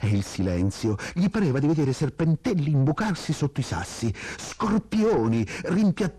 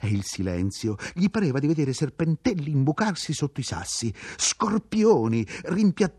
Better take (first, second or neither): second